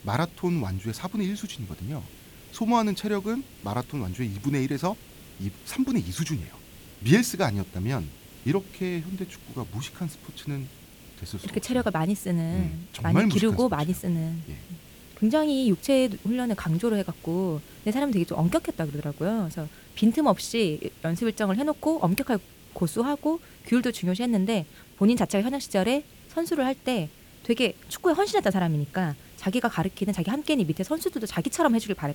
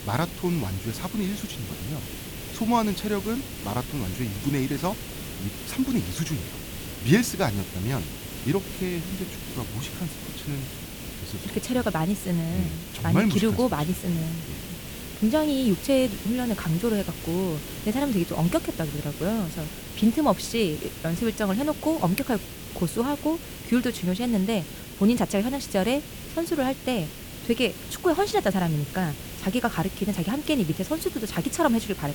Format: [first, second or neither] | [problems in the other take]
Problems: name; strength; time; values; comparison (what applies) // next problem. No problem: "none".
first | hiss; loud; throughout; 10 dB below the speech; faint in the first